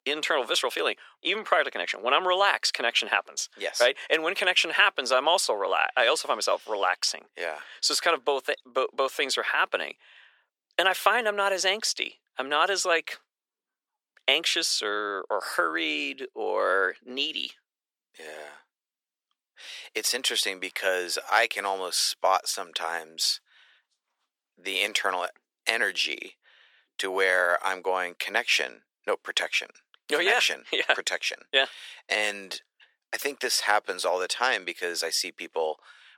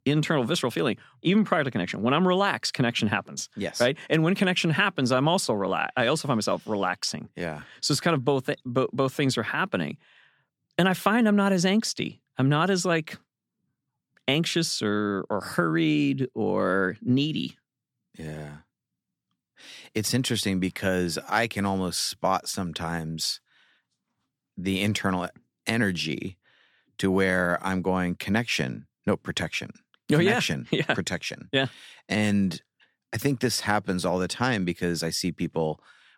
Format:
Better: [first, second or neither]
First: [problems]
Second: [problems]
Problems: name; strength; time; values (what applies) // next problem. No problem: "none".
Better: second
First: thin; very; fading below 450 Hz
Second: none